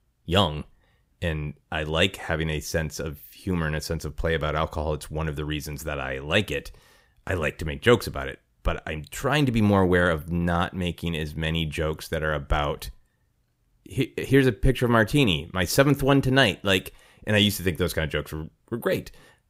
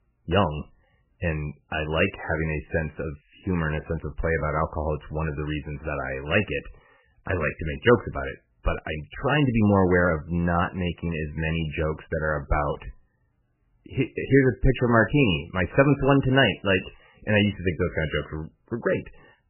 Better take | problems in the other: first | garbled, watery; badly; nothing above 3 kHz

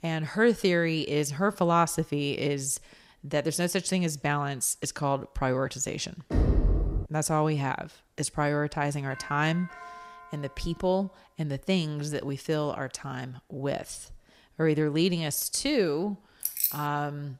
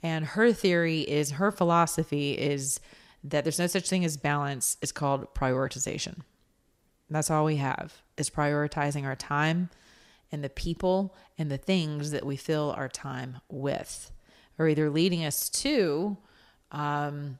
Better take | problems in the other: second | door banging; loud; at 6.5 s; peak 3 dB above the speech // doorbell; faint; from 9 to 11 s; peak 15 dB below the speech // jangling keys; loud; at 16 s; peak 1 dB above the speech

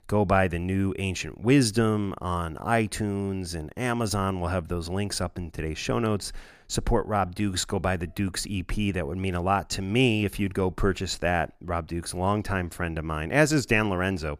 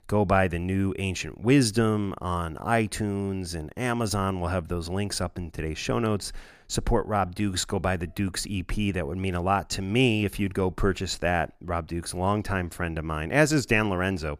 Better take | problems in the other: neither | none

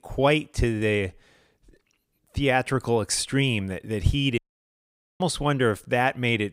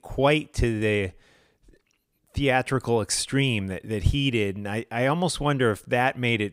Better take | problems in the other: second | audio cutting out; at 4.5 s for 1 s

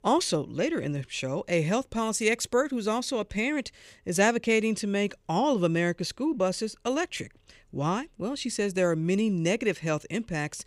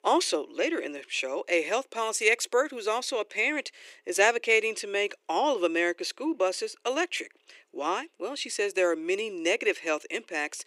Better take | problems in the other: first | thin; very; fading below 350 Hz

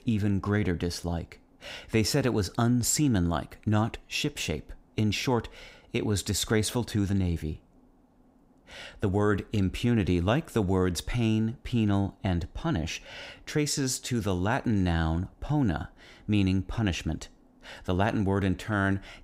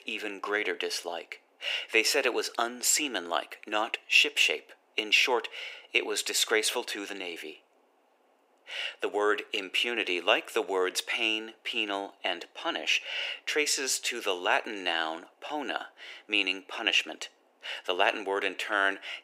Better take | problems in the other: first | thin; very; fading below 400 Hz

